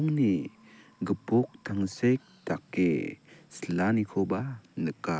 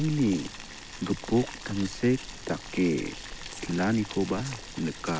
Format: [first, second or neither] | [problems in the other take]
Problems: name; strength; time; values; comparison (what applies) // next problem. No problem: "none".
first | background sound (Boiling); 11 dB below the speech